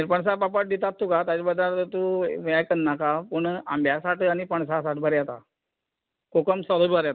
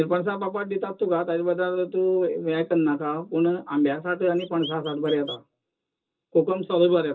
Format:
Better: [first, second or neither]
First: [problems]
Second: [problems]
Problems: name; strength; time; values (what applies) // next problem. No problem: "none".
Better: first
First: none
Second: background sound (Chirp, tweet); 15 dB below the speech // room echo; dies away in 0.2 s